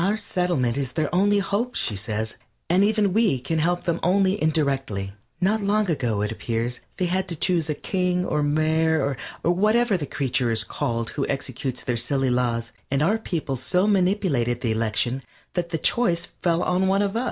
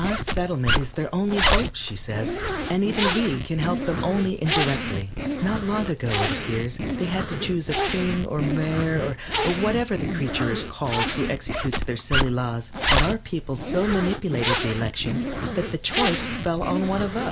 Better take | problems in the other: first | background sound (Zipper (clothing)); 1 dB below the speech

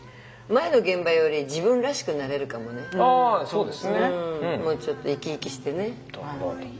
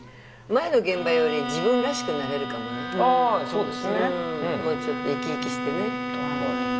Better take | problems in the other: first | background sound (Bowed string instrument); 5 dB below the speech

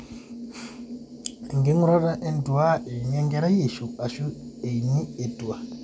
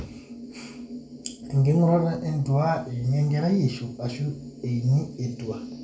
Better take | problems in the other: first | room echo; dies away in 0.3 s

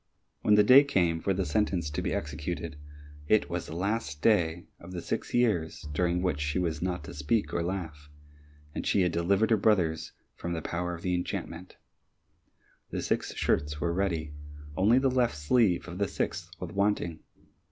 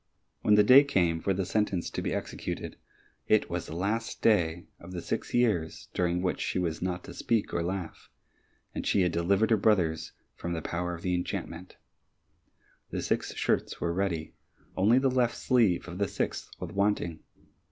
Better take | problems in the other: second | background sound (Bowed string instrument); 11 dB below the speech

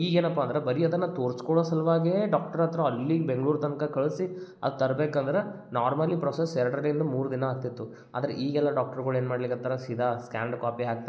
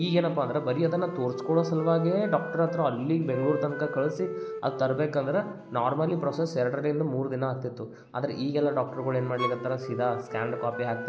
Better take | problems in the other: first | background sound (Bowed string instrument + Wind instrument, woodwind instrument); 11 dB below the speech

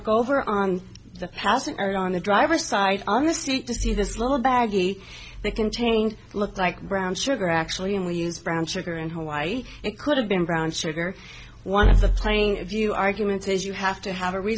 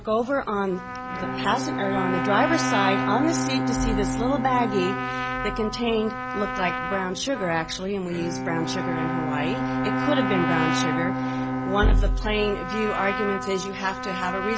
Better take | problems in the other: first | background sound (Bowed string instrument + Trumpet); 2 dB below the speech

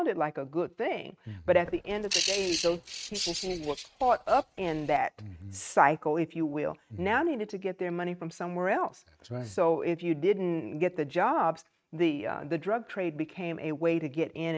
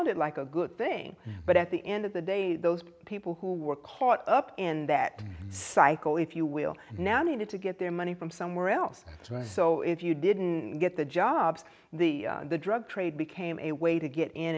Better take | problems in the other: second | noise reduction (neural mask model RNNoise)

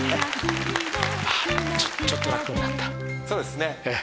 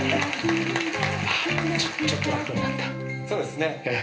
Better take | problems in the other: first | room echo; dies away in 0.3 s

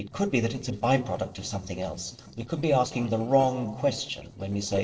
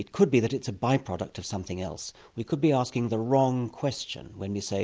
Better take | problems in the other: second | noise reduction (neural separator model SepFormer DNS4)

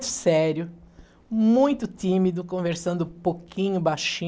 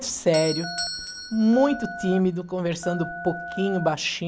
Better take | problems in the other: first | background sound (Telephone + Doorbell); 11 dB below the speech

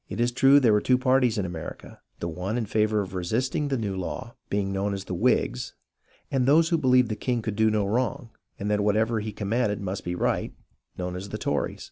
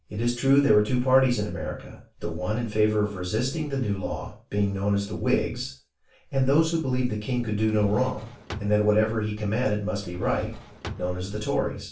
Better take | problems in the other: first | background sound (Drawer open or close); 16 dB below the speech // room echo; dies away in 0.3 s

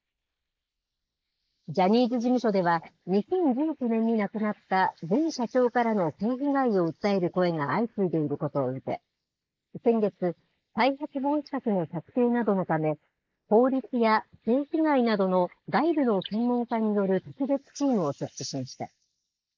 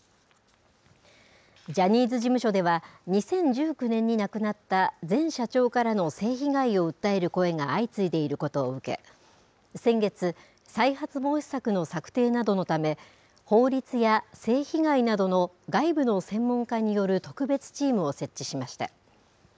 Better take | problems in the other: second | noise reduction (neural mask model Resemble Enhance denoiser)

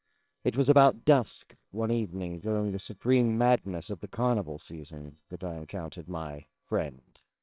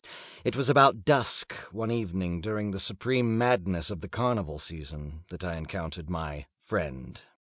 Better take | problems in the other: second | noise reduction (neural separator model SepFormer WHAMR!)

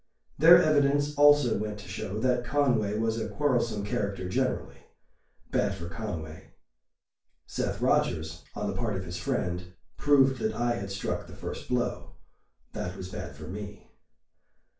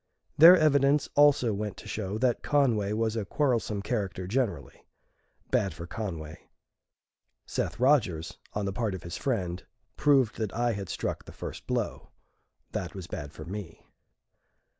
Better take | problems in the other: second | room echo; dies away in 0.3 s

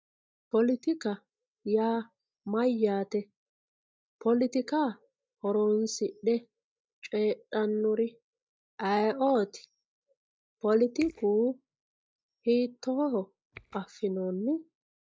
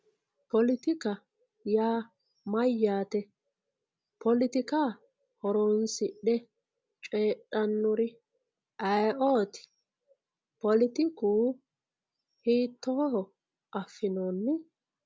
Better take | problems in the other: second | noise reduction (neural mask model DeepFilterNet 3)

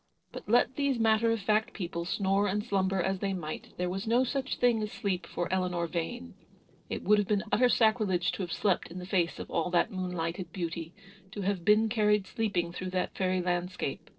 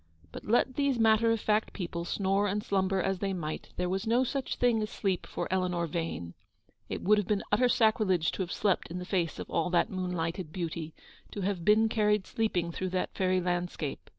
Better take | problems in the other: second | noise reduction (neural separator model SepFormer DNS4)

